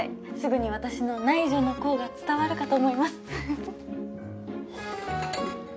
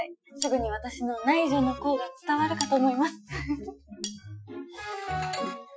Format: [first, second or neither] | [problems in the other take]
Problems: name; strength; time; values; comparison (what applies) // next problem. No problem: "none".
first | noise reduction (classical method Wiener filter)